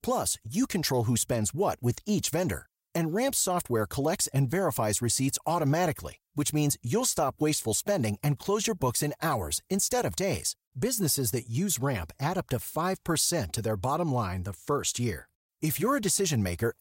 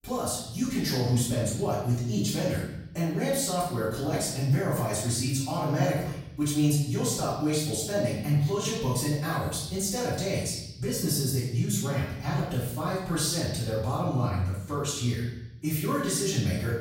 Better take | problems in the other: first | off-mic speech; far // room echo; noticeable; dies away in 1 s

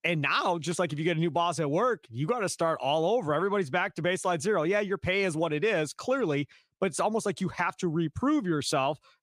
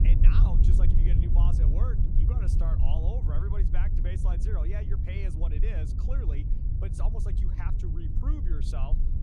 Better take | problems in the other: first | low rumble; loud; throughout; 1 dB below the speech

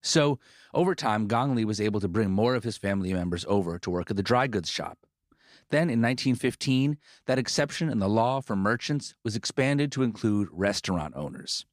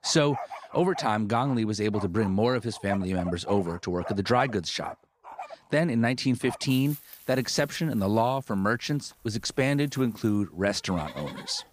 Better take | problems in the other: first | animal sounds; noticeable; throughout; 15 dB below the speech

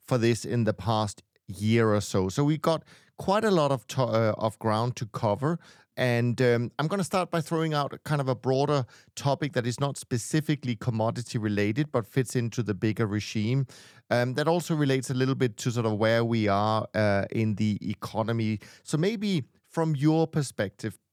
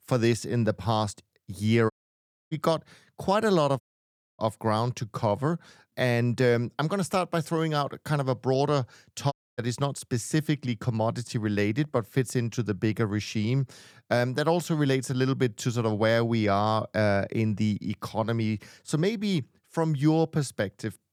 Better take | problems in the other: first | audio cutting out; at 2 s for 0.5 s, at 4 s for 0.5 s and at 9.5 s

